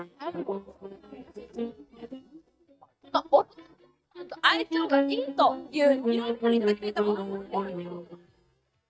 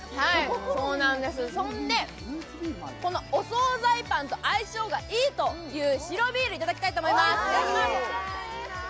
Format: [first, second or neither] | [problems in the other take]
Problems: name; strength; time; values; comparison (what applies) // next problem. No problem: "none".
second | noise reduction (neural mask model DeepFilterNet 3)